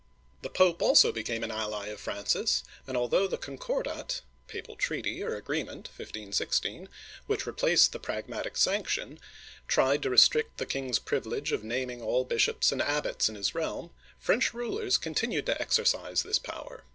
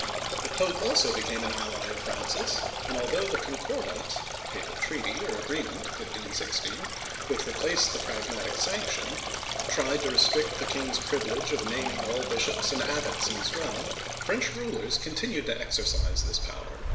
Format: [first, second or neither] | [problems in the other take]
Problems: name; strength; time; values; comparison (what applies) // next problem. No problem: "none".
first | background sound (Stream); 2 dB below the speech // room echo; dies away in 0.7 s